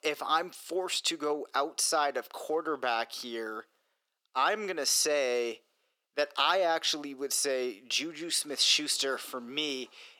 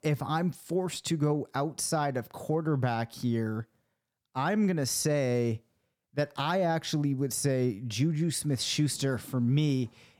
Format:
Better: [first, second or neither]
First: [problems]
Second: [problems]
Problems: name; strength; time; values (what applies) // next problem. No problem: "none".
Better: second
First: thin; very; fading below 400 Hz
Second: none